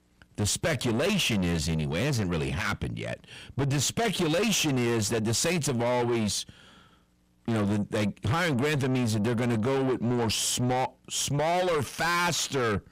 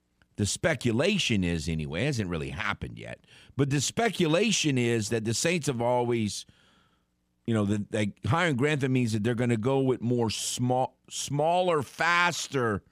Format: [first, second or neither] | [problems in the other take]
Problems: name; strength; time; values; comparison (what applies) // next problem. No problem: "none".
second | distortion; heavy; 6 dB below the speech